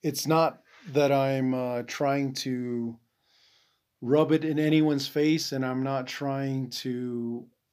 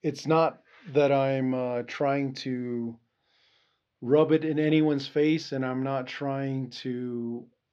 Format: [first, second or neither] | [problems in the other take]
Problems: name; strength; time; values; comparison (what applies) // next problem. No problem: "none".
first | muffled; very slightly; fading above 3 kHz